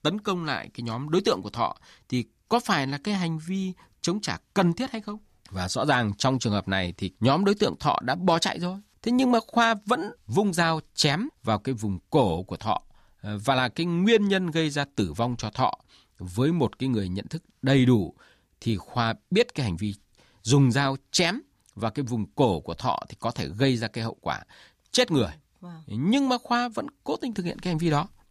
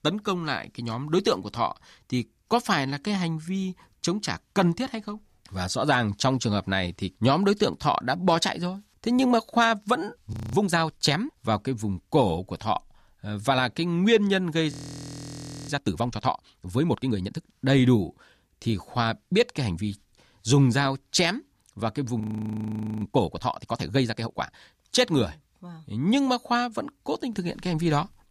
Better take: first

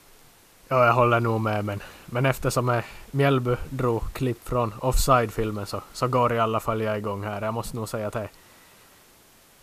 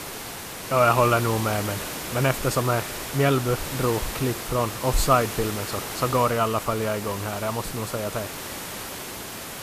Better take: first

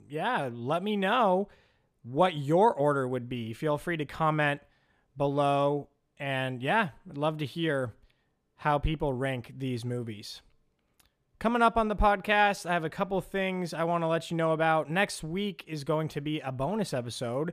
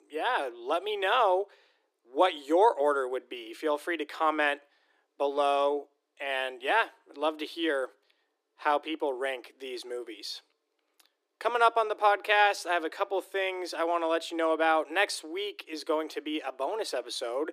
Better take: first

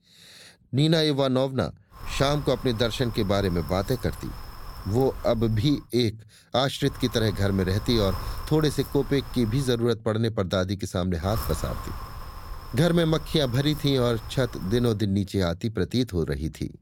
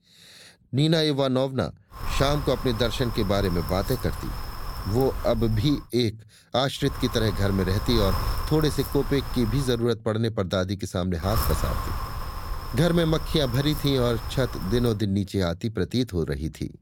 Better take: first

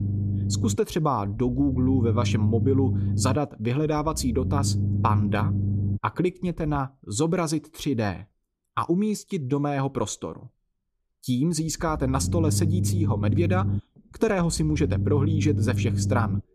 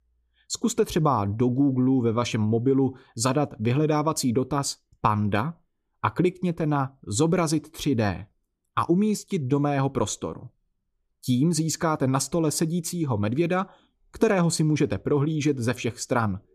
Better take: second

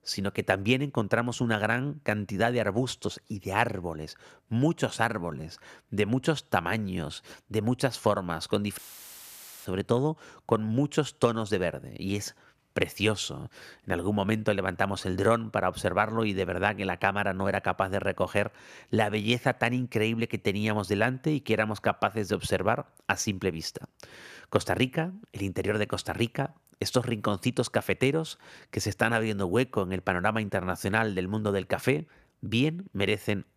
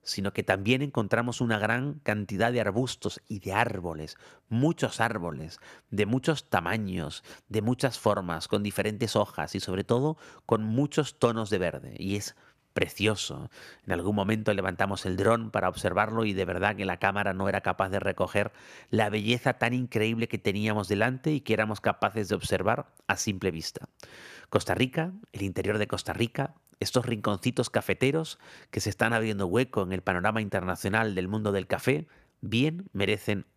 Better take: second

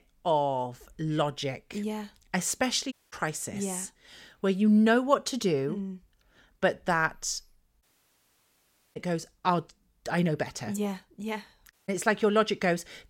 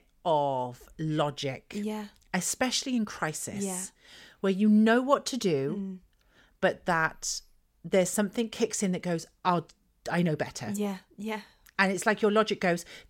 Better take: second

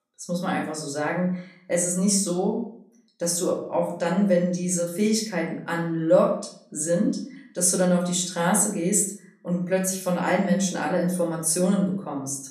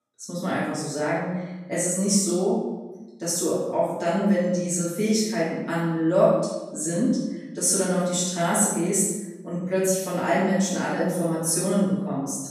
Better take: first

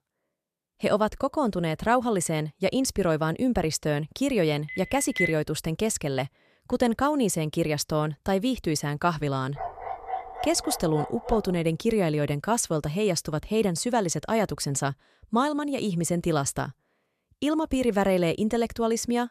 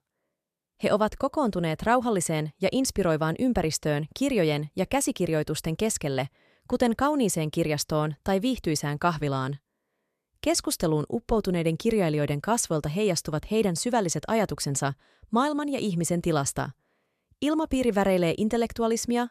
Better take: second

